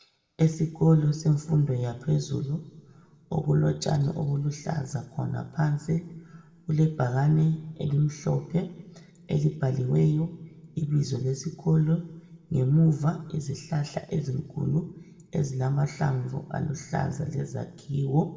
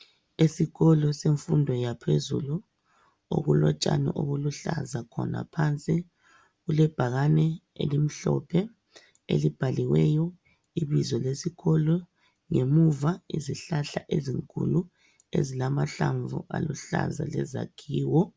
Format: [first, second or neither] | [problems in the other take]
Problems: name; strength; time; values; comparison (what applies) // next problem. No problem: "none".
second | room echo; dies away in 1 s